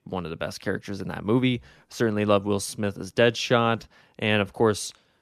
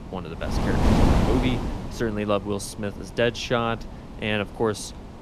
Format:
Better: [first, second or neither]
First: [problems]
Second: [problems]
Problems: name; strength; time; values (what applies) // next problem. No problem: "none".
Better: first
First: none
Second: wind noise on the microphone; heavy; 1 dB below the speech